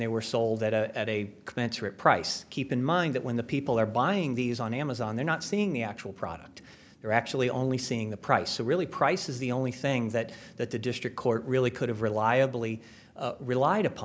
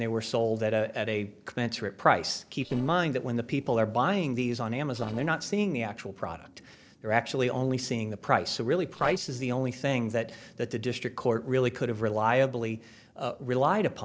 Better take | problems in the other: first | noise reduction (neural separator model SepFormer DNS4)

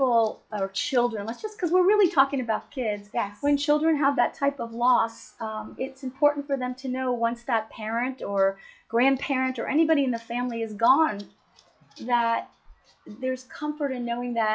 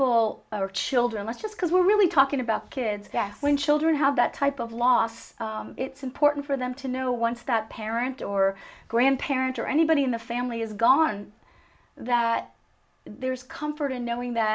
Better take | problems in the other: second | noise reduction (classical method log-MMSE)

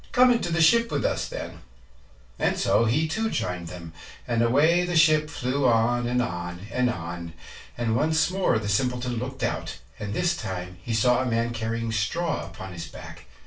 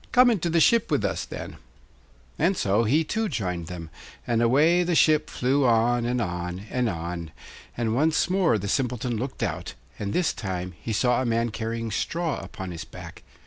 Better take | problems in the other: second | room echo; dies away in 0.2 s

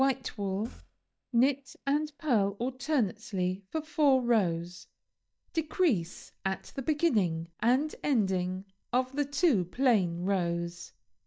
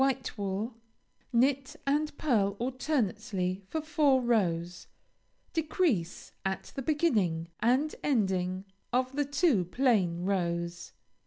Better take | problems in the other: second | noise reduction (neural mask model DeepFilterNet 3)

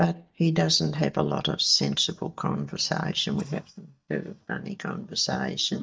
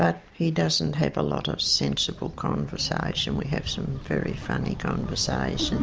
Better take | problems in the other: second | noise reduction (neural mask model DeepFilterNet 3)

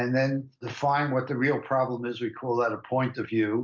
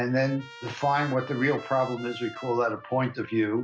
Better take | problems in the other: first | background sound (Trumpet); 18 dB below the speech

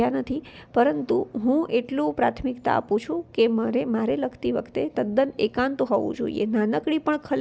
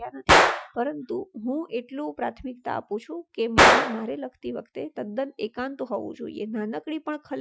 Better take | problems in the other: first | noise reduction (classical method Wiener filter)

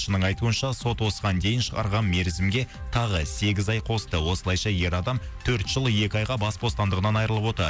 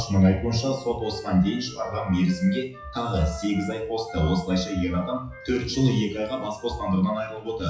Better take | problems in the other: first | noise reduction (classical method WPE with log-MMSE)

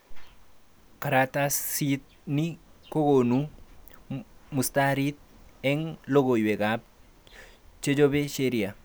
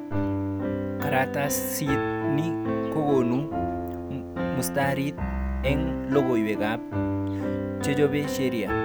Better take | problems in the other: first | background sound (Piano); as loud as the speech

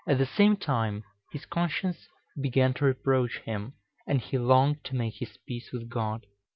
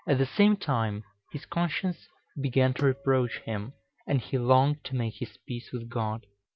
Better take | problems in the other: first | background sound (Tabla); 20 dB below the speech

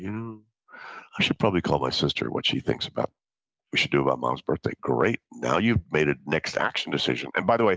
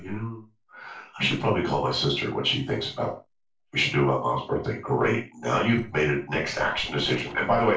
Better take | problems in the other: first | noise reduction (neural separator model SepFormer DNS4)

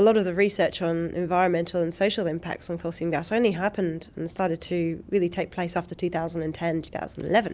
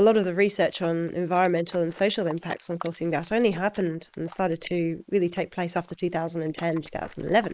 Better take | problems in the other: first | noise reduction (neural mask model Resemble Enhance denoiser)

